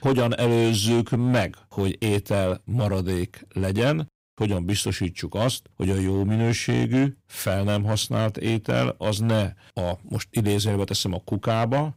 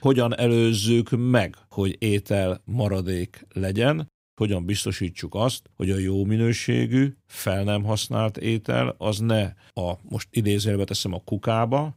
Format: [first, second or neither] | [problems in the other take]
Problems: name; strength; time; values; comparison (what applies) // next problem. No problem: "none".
second | distortion; slight; 7% of the sound clipped